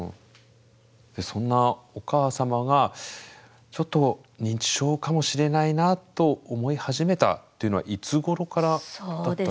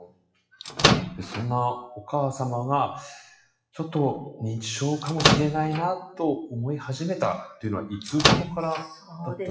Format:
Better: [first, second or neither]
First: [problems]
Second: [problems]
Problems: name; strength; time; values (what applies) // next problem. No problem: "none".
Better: first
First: none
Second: noise reduction (classical method WPE with log-MMSE)